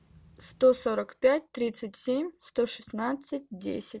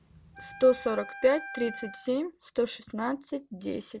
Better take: first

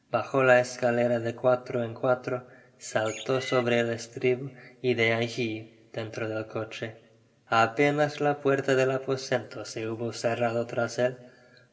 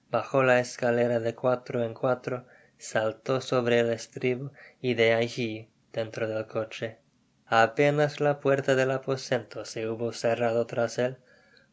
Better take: second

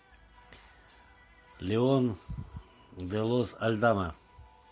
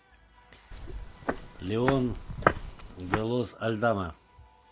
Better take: first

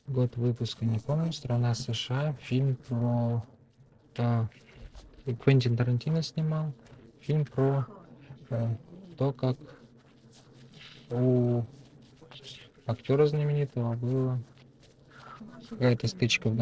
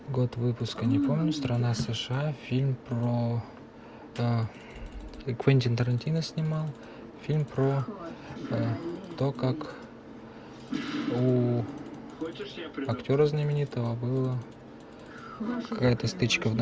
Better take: second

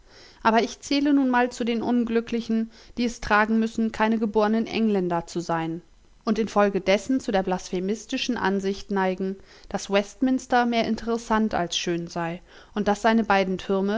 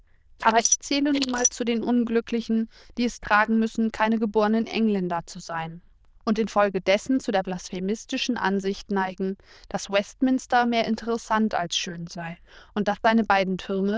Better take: first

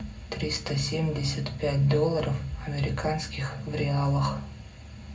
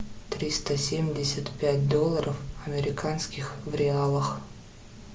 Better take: second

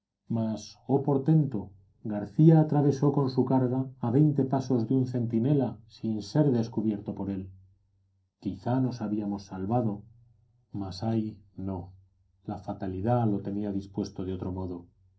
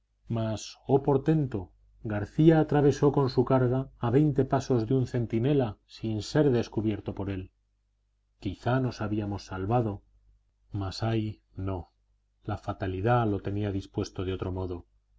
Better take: second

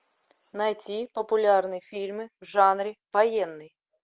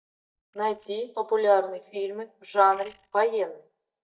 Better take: first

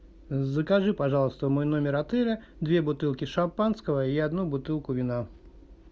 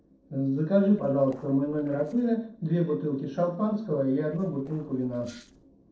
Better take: first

